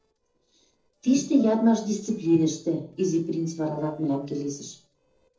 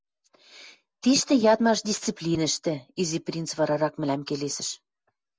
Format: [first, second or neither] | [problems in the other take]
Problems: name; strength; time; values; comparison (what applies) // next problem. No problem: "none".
second | noise reduction (neural separator model SepFormer DNS4)